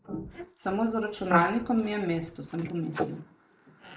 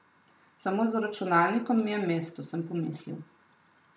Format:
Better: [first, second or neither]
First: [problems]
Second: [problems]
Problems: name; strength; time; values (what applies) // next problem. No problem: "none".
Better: second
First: noise reduction (neural mask model Resemble Enhance denoiser)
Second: none